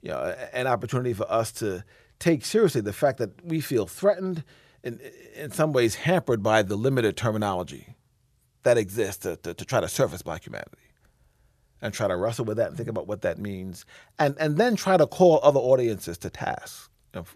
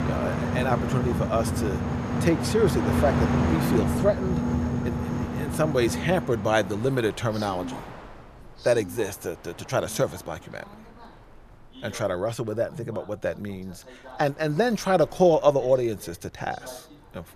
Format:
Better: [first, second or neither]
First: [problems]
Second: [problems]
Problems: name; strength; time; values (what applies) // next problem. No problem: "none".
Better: first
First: none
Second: train or aircraft noise; loud; throughout; 2 dB below the speech